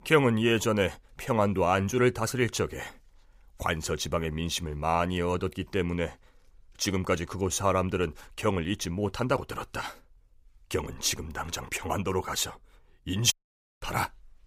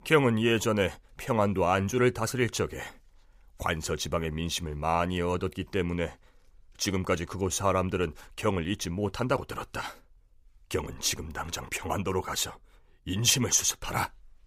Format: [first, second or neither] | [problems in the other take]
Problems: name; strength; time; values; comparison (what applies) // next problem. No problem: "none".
second | audio cutting out; at 13 s